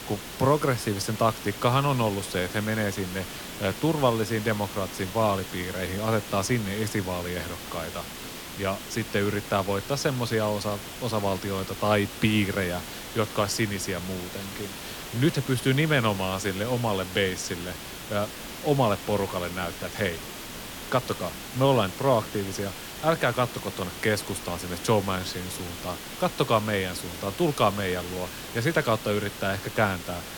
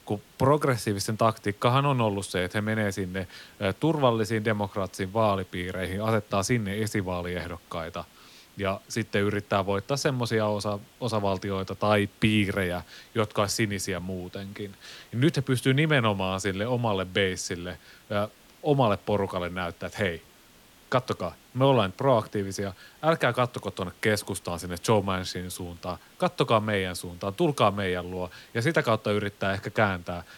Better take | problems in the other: second | hiss; loud; throughout; 9 dB below the speech; faint in the second

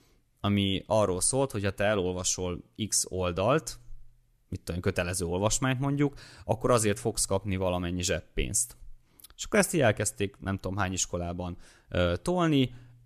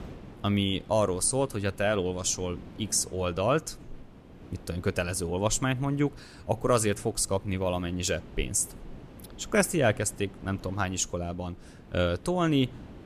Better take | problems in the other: first | wind noise on the microphone; occasional gusts; 25 dB below the speech

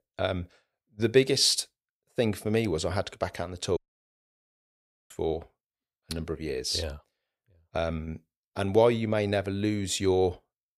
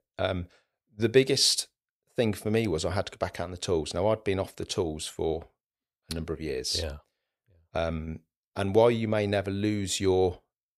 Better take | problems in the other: second | audio cutting out; at 4 s for 1.5 s

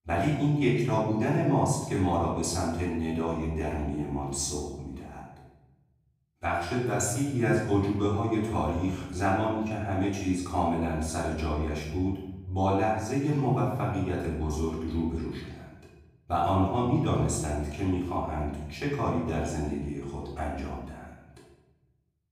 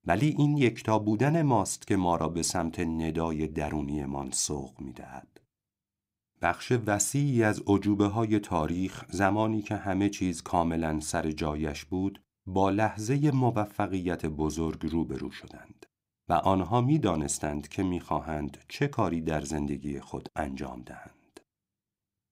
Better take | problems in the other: second | room echo; noticeable; dies away in 0.9 s // off-mic speech; far

